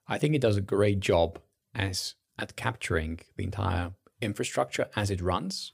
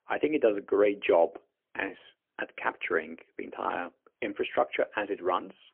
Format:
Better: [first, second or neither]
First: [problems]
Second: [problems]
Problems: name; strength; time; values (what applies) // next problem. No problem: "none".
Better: first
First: none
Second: phone-call audio; poor line; nothing above 3 kHz